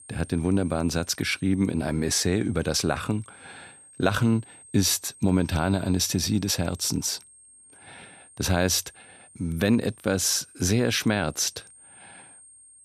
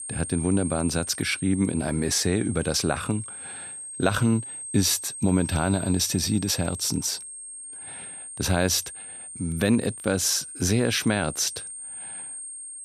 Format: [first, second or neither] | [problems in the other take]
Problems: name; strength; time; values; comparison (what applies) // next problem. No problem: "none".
first | high-pitched whine; loud; throughout; 8.5 kHz, 10 dB below the speech; faint in the first